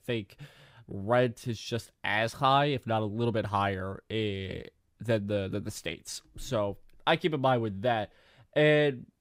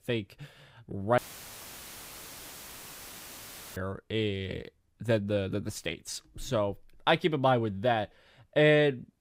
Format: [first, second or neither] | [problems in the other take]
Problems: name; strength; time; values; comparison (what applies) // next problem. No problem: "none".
first | audio cutting out; filled with static; at 1 s for 2.5 s